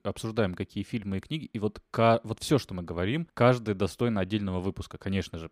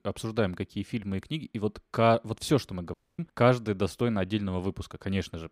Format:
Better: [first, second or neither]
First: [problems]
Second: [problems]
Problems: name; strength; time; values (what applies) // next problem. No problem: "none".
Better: first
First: none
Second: audio cutting out; at 3 s